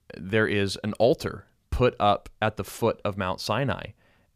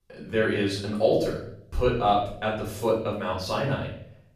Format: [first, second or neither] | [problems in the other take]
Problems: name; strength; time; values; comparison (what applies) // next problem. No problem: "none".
first | room echo; noticeable; dies away in 0.6 s // off-mic speech; far